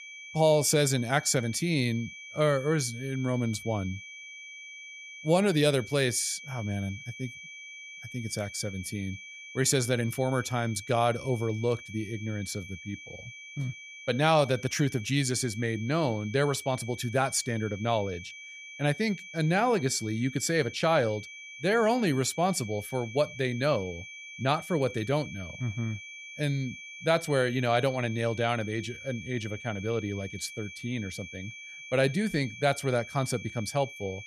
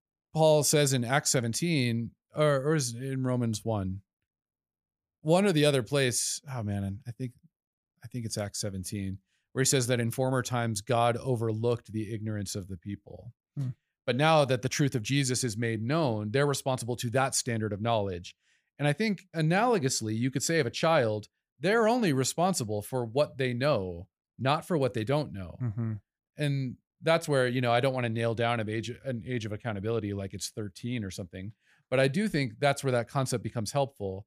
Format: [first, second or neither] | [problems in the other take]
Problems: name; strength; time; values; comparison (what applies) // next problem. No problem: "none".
second | high-pitched whine; noticeable; throughout; 2.5 kHz, 15 dB below the speech